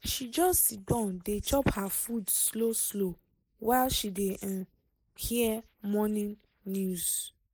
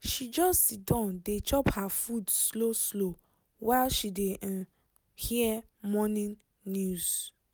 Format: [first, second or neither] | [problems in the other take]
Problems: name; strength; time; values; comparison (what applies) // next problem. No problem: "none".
second | noise reduction (neural mask model Resemble Enhance denoiser)